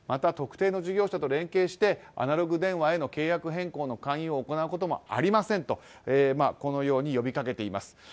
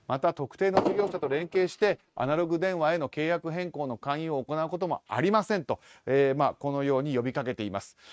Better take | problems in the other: first | noise reduction (neural mask model RNNoise)

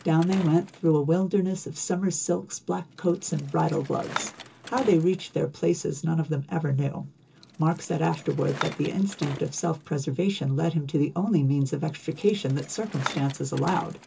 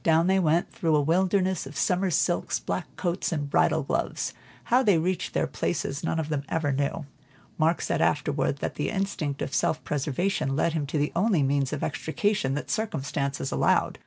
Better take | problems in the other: second | background sound (Bicycle); 16 dB below the speech // room echo; dies away in 0.2 s

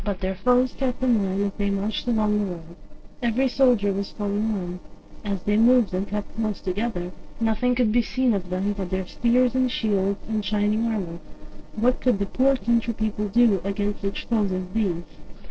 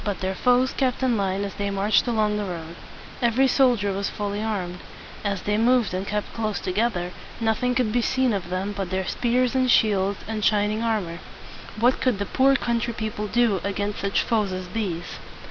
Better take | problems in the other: second | noise reduction (neural separator model SepFormer DNS4)

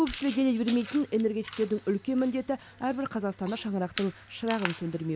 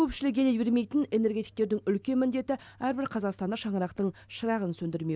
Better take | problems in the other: second | background sound (Chewing, mastication); 15 dB below the speech

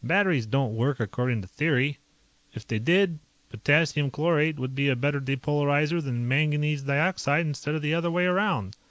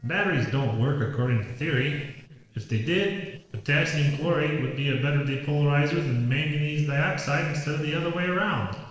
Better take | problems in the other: first | noise reduction (neural separator model SepFormer DNS4)

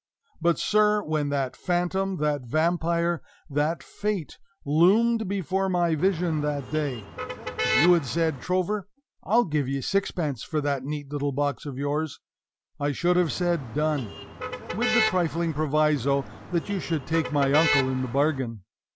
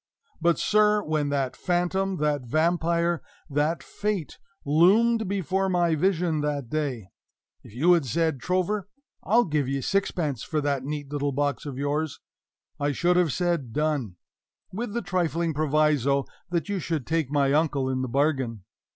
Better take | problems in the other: second | background sound (Motor vehicle (road)); 6 dB below the speech

